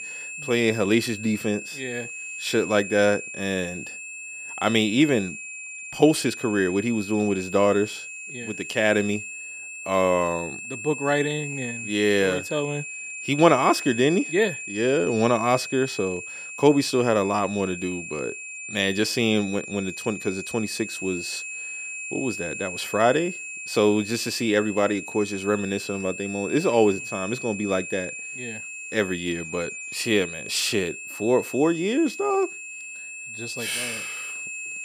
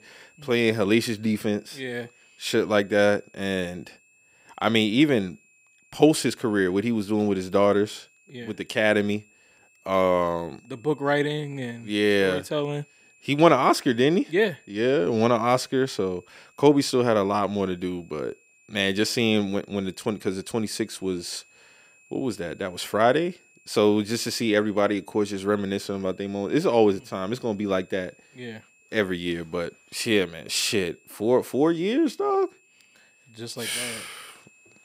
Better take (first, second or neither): second